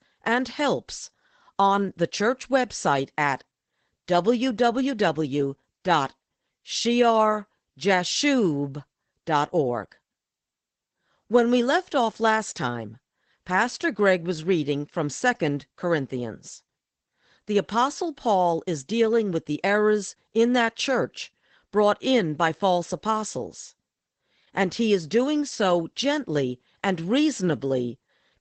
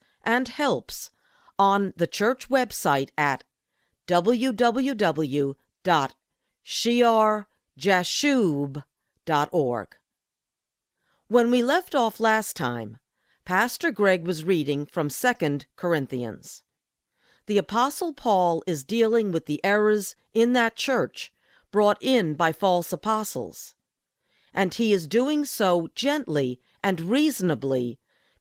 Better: second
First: garbled, watery; badly; nothing above 8 kHz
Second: garbled, watery; slightly; nothing above 16 kHz

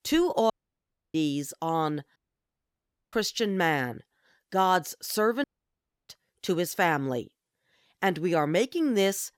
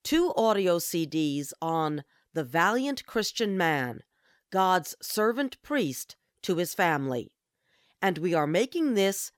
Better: second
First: audio cutting out; at 0.5 s for 0.5 s, at 2 s for 1 s and at 5.5 s for 0.5 s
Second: none

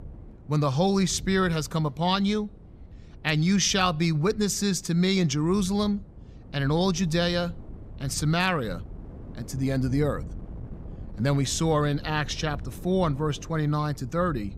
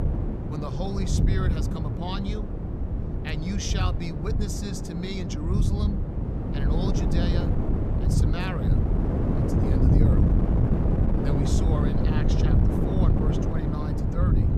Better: first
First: wind noise on the microphone; occasional gusts; 25 dB below the speech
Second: wind noise on the microphone; heavy; 2 dB above the speech

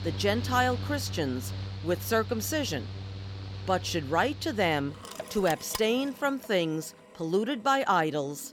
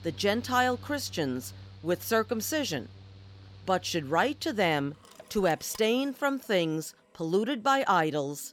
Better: second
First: machinery noise; loud; throughout; 10 dB below the speech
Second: machinery noise; faint; throughout; 20 dB below the speech

